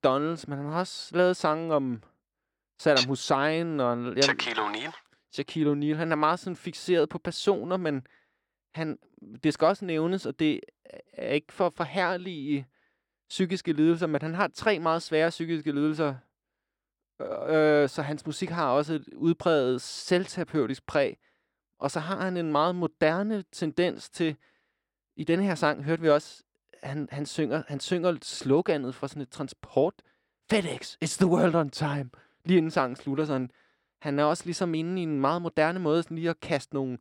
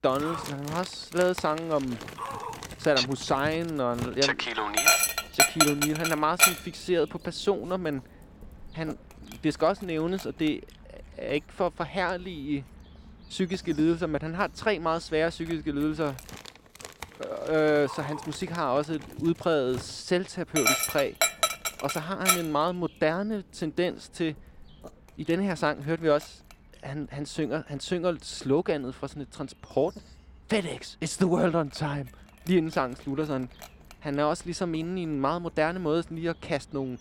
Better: first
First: none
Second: animal sounds; very loud; throughout; 2 dB above the speech

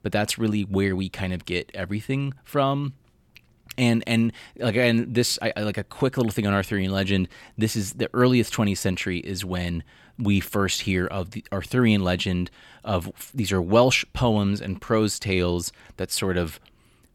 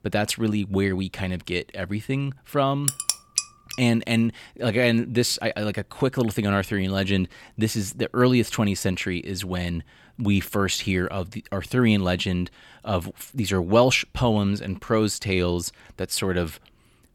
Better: first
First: none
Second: clattering dishes; loud; at 3 s; peak level with the speech

